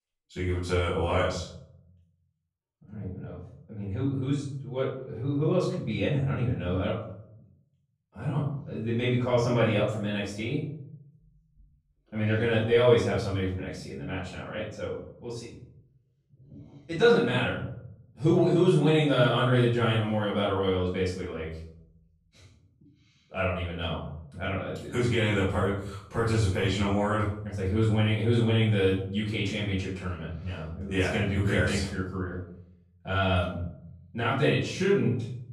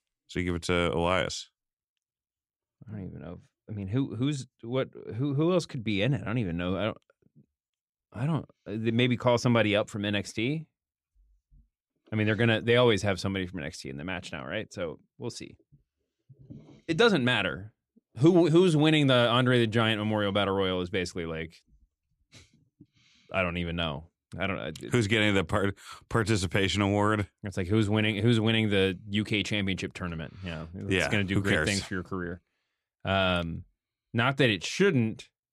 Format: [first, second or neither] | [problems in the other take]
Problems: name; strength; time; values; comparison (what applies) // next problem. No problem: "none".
second | off-mic speech; far // room echo; noticeable; dies away in 0.7 s